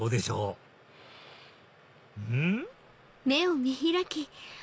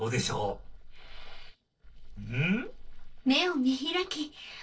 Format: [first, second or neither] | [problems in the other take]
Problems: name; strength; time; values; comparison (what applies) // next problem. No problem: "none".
first | noise reduction (neural separator model SepFormer DNS4)